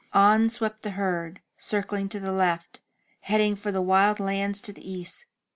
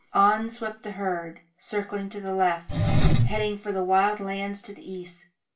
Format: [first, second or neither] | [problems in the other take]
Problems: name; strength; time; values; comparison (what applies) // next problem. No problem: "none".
first | background sound (Engine); as loud as the speech // room echo; dies away in 0.3 s